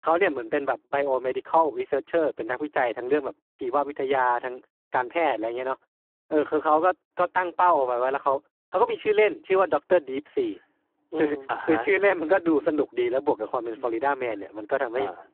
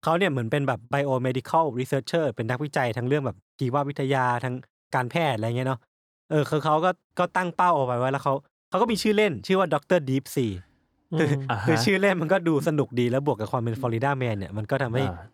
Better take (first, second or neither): second